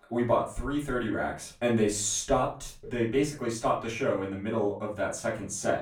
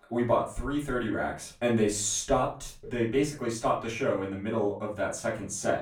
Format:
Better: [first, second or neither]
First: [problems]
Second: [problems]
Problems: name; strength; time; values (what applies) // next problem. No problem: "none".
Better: neither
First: room echo; slight; dies away in 0.3 s // off-mic speech; far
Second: room echo; slight; dies away in 0.3 s // off-mic speech; far